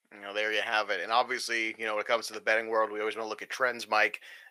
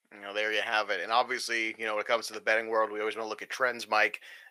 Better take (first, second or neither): neither